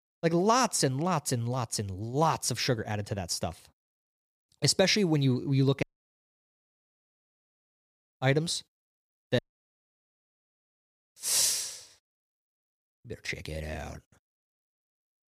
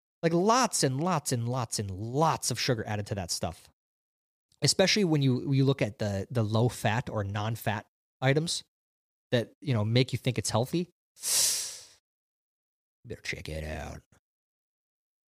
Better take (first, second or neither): second